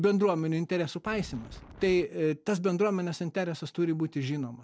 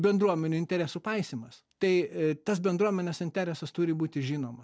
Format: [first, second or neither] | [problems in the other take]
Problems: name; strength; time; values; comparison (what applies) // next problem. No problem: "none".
second | background sound (Wind); 17 dB below the speech